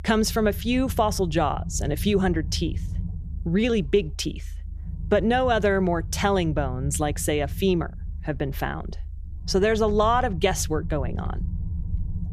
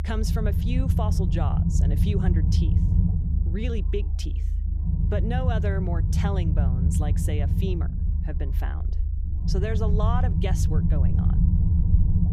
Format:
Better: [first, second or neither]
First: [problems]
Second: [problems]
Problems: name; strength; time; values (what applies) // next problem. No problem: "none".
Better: first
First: low rumble; faint; throughout; 25 dB below the speech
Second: low rumble; loud; throughout; 3 dB below the speech